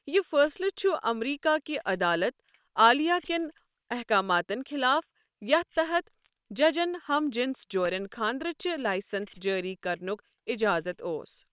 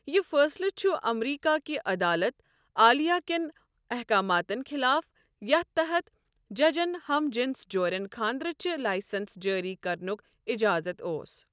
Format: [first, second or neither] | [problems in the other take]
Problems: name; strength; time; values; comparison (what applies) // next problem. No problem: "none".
second | noise reduction (neural separator model SepFormer WHAM!)